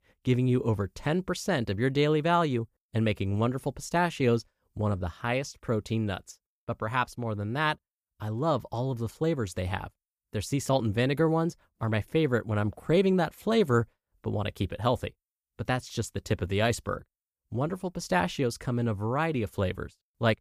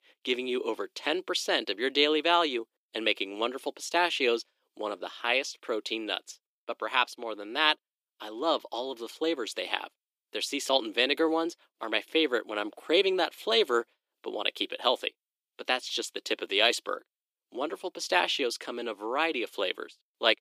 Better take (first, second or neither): first